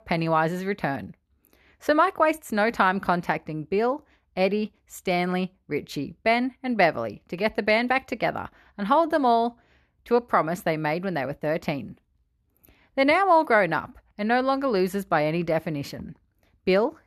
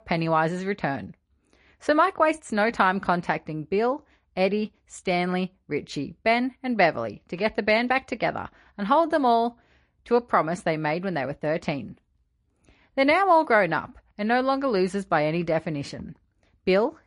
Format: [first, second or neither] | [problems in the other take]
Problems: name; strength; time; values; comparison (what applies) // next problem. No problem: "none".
first | garbled, watery; slightly; nothing above 10.5 kHz